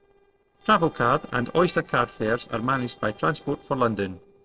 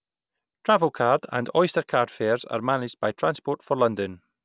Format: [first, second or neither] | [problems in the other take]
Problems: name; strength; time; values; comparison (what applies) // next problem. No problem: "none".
second | noise reduction (neural separator model SepFormer DNS4)